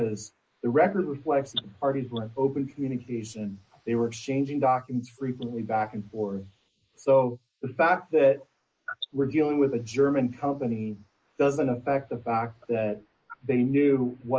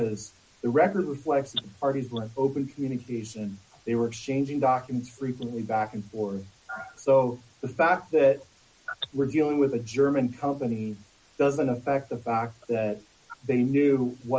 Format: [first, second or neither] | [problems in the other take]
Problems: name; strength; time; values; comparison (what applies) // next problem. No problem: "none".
second | noise reduction (neural mask model Resemble Enhance denoiser)